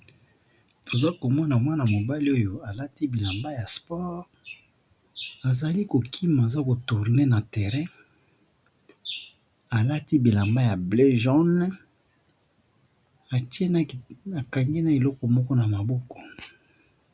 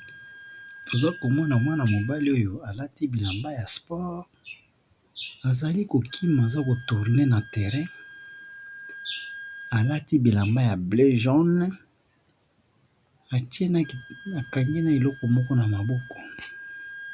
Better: first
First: none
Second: background sound (Wind instrument, woodwind instrument); 19 dB below the speech

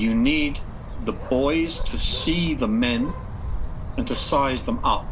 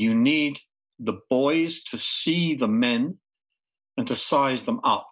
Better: second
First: background sound (Bird); 4 dB below the speech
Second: none

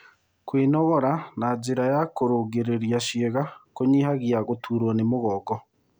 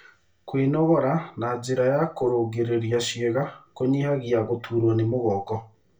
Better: first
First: none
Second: room echo; dies away in 0.2 s

